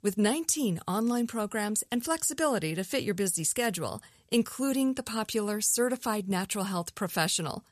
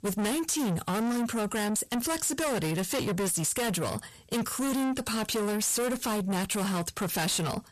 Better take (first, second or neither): first